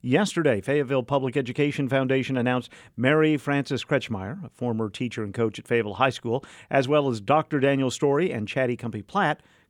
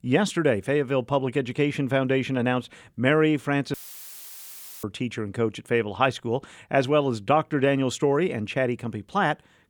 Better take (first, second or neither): first